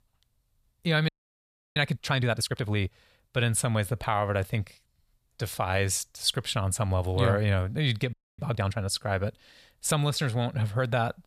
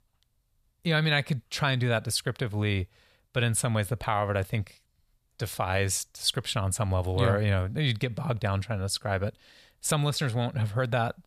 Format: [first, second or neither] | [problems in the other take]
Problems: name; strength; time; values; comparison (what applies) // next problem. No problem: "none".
second | audio freezing; at 1 s for 0.5 s and at 8 s